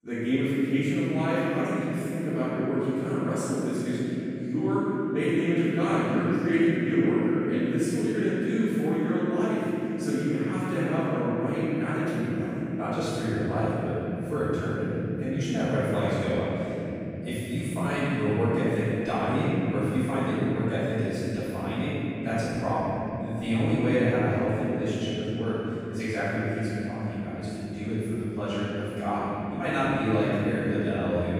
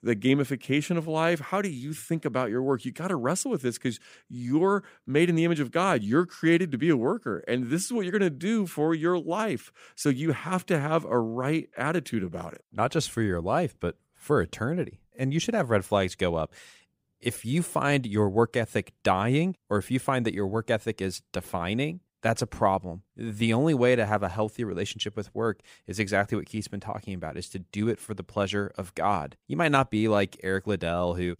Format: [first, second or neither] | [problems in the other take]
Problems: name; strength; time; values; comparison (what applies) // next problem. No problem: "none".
second | off-mic speech; far // room echo; strong; dies away in 3 s